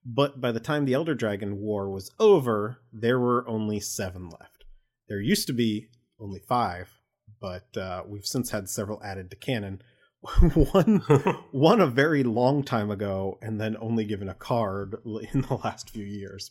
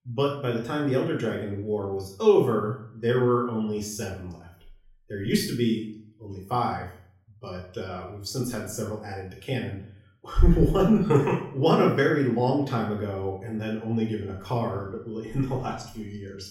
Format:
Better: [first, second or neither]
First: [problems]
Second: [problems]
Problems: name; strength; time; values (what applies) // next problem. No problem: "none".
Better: first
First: none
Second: off-mic speech; somewhat distant // room echo; noticeable; dies away in 0.5 s